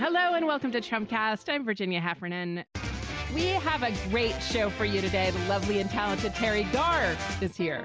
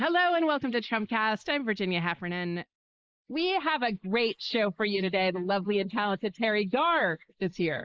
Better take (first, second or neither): first